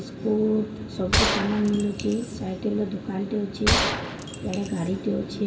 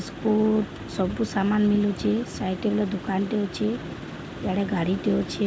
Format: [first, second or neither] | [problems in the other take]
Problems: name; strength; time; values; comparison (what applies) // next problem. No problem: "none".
second | background sound (Gunshot, gunfire); 2 dB below the speech // room echo; dies away in 1.8 s